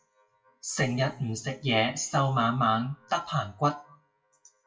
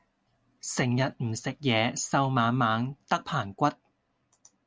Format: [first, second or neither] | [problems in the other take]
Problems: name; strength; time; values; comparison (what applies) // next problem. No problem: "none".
second | noise reduction (classical method WPE with log-MMSE)